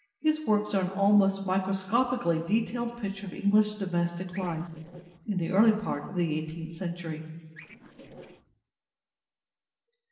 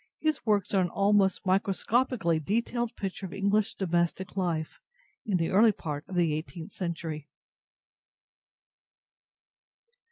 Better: second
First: noise reduction (neural separator model SepFormer DNS4)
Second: none

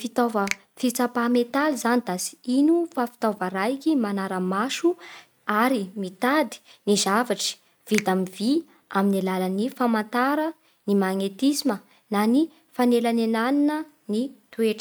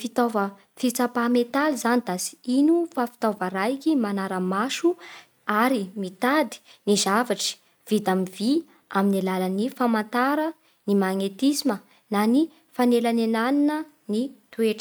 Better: second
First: background sound (Finger snapping); 17 dB below the speech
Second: none

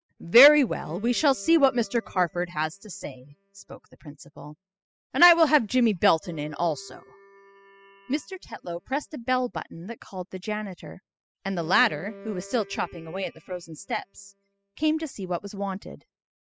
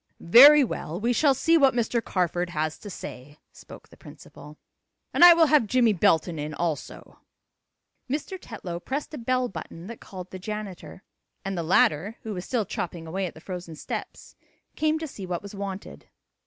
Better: second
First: noise reduction (classical method spectral subtraction)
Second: none

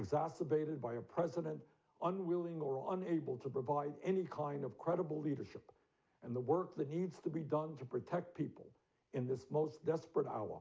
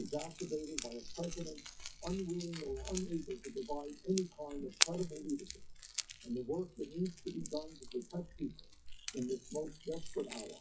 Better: first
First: none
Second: noise reduction (classical method WPE with log-MMSE)

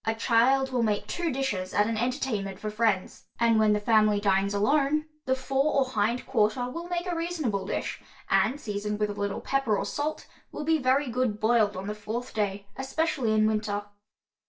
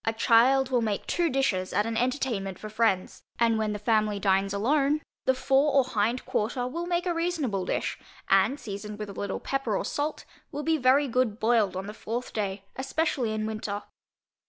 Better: second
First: room echo; dies away in 0.2 s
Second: none

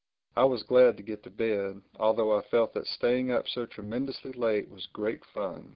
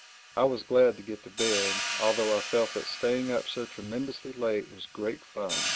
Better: first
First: none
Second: background sound (Hi-hat); 7 dB below the speech

